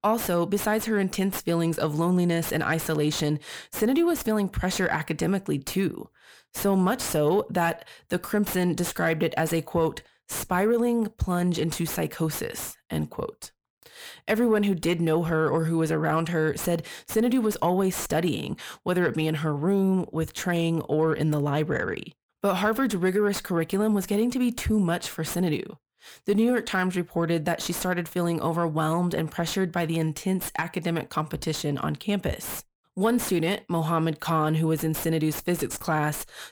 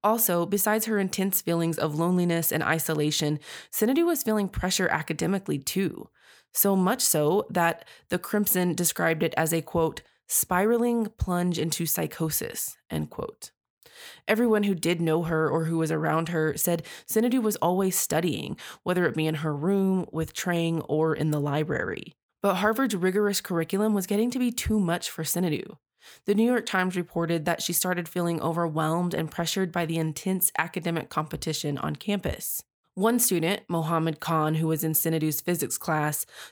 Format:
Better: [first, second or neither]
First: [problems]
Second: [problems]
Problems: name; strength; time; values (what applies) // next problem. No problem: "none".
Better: second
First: distortion; slight; 10 dB below the speech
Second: none